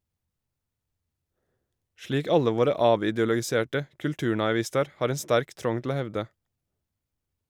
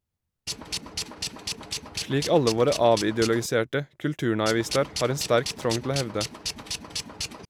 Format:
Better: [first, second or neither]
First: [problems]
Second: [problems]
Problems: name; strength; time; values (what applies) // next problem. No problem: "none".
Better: first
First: none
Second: background sound (Tools); 8 dB below the speech